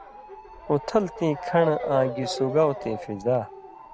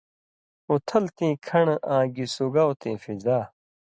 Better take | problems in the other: second | background sound (Motor vehicle (road) / Siren); 10 dB below the speech

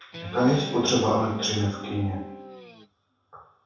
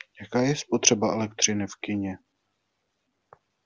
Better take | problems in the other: second | background sound (Guitar); 12 dB below the speech // room echo; dies away in 0.7 s

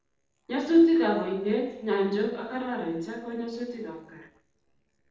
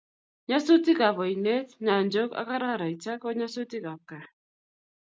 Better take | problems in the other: second | noise reduction (neural separator model SepFormer DNS4)

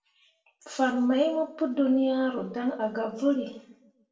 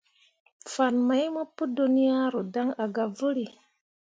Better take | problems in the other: second | room echo; dies away in 0.7 s

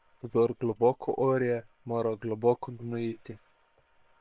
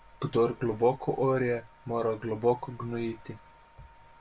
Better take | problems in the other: second | noise reduction (neural separator model SepFormer WHAM!)

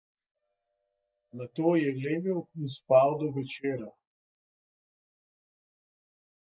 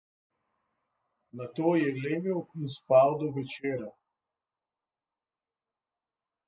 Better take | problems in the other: second | noise reduction (neural mask model DeepFilterNet 3)

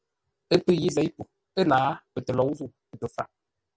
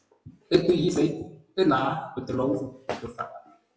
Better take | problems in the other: first | noise reduction (classical method WPE with log-MMSE)

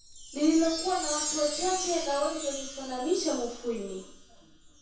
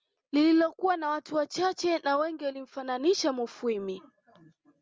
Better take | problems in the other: second | background sound (Chime); 7 dB below the speech // room echo; dies away in 0.6 s

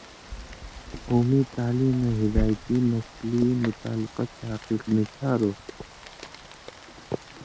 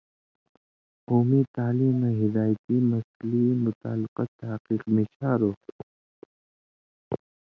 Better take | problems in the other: second | background sound (Rain); 10 dB below the speech

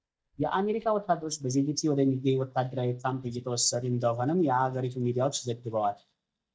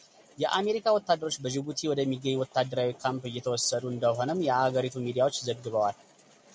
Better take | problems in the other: second | noise reduction (neural mask model DeepFilterNet 3)

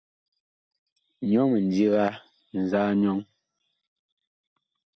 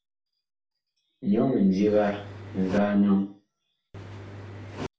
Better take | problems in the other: first | background sound (Engine); 12 dB below the speech // room echo; dies away in 0.4 s

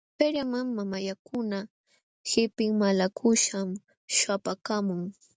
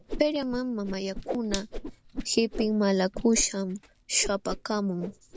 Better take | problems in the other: first | background sound (Whoosh, swoosh, swish); 10 dB below the speech

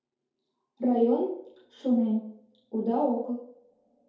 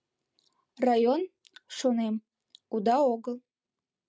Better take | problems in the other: second | room echo; dies away in 2.4 s

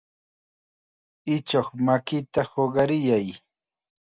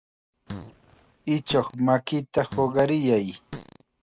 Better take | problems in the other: first | background sound (Fart); 17 dB below the speech

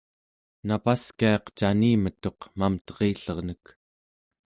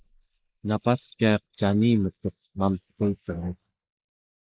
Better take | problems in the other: first | noise reduction (neural mask model Resemble Enhance denoiser)

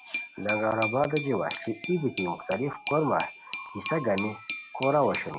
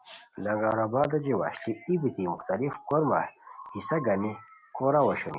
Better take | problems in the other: second | background sound (Glass); 10 dB below the speech

